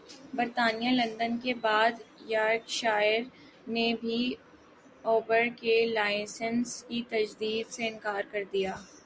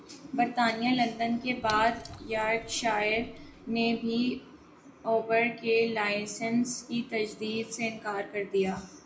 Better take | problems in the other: first | background sound (Drip / Water); 18 dB below the speech // room echo; dies away in 0.4 s

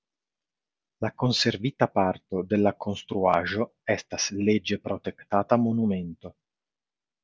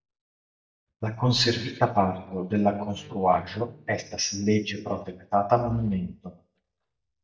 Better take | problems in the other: first | noise reduction (neural mask model DeepFilterNet 3)

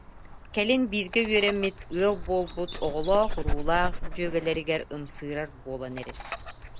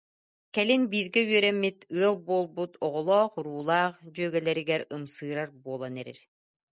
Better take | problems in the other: second | background sound (Dog); 5 dB below the speech

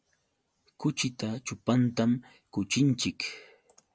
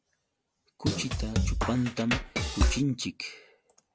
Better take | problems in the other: first | background sound (Drum kit); 5 dB above the speech

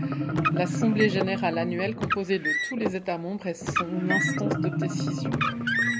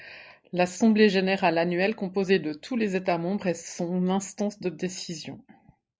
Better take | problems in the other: second | background sound (Car + Marimba, xylophone); 2 dB above the speech

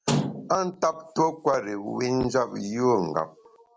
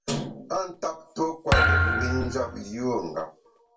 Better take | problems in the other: first | background sound (Thump, thud); 5 dB above the speech // room echo; dies away in 0.2 s

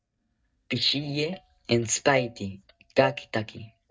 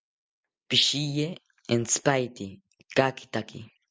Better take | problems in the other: second | noise reduction (neural mask model DeepFilterNet 3)

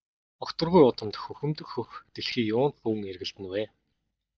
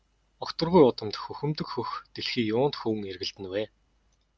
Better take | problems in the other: second | noise reduction (neural mask model DeepFilterNet 3)

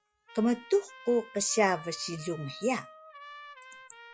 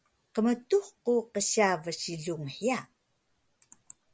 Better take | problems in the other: second | noise reduction (classical method log-MMSE)

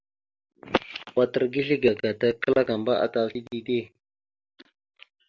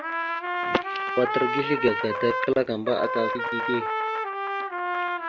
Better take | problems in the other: first | background sound (Trumpet); 1 dB below the speech

